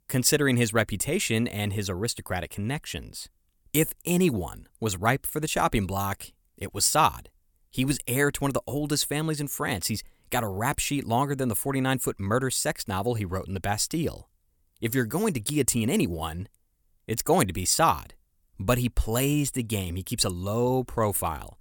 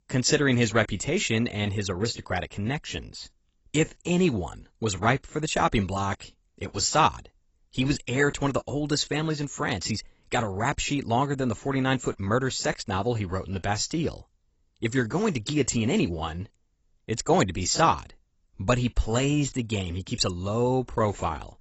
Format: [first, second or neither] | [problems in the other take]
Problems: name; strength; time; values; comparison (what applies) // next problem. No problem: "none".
first | garbled, watery; badly; nothing above 7.5 kHz